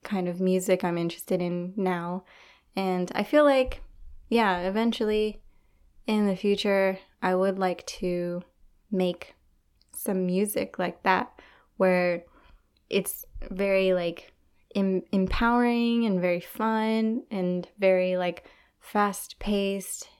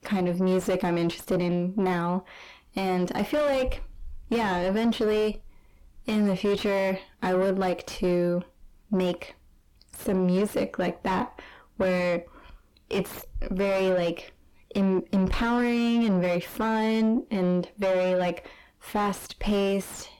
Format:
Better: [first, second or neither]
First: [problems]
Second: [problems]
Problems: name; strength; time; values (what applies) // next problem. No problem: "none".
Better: first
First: none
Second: distortion; heavy; 6 dB below the speech